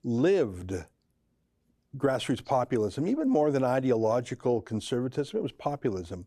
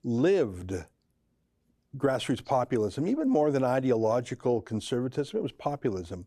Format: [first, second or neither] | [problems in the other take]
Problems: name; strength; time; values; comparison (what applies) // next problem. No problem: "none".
neither | none